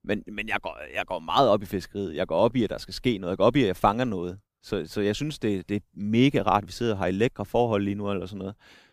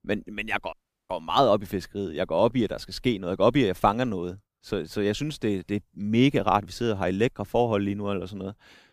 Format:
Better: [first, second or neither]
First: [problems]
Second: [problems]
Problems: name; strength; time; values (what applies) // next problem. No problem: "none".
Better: first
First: none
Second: audio cutting out; at 0.5 s